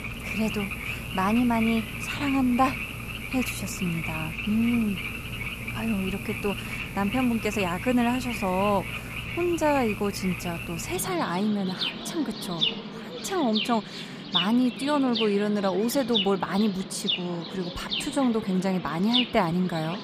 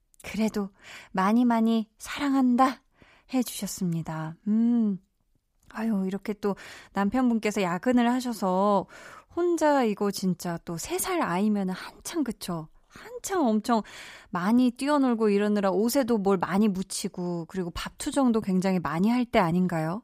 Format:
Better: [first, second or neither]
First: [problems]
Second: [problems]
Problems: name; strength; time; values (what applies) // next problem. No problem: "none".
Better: second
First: animal sounds; loud; throughout; 5 dB below the speech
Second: none